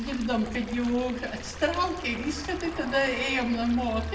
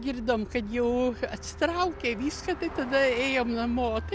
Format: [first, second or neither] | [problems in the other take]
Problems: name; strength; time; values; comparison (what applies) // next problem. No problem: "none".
second | background sound (Stream); 17 dB below the speech // room echo; dies away in 0.6 s